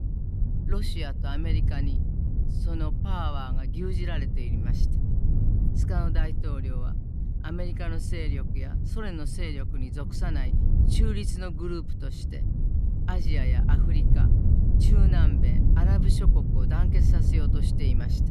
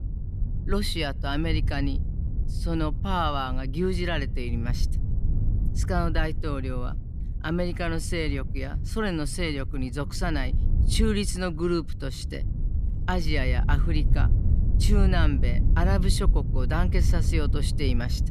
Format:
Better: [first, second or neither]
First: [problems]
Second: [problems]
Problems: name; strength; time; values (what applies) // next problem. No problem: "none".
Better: second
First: wind noise on the microphone; heavy; 2 dB below the speech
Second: wind noise on the microphone; occasional gusts; 15 dB below the speech